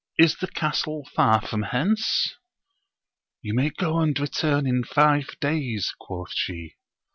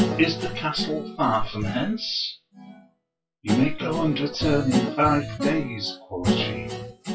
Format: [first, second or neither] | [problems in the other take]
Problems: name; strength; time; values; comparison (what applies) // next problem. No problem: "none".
first | noise reduction (classical method WPE with log-MMSE)